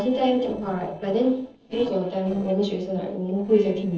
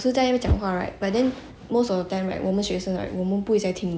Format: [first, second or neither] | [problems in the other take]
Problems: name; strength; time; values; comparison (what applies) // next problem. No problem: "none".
second | noise reduction (neural separator model SepFormer DNS4)